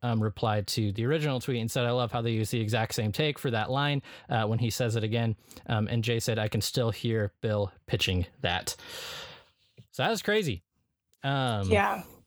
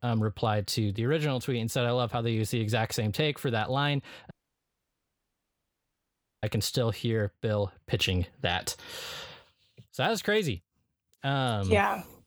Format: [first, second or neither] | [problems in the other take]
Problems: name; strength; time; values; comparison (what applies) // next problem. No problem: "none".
first | audio cutting out; at 4.5 s for 2 s